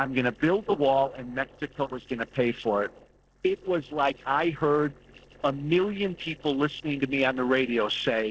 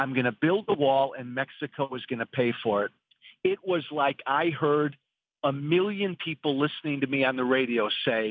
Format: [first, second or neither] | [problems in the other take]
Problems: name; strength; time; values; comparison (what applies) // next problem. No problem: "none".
second | noise reduction (neural separator model SepFormer DNS4)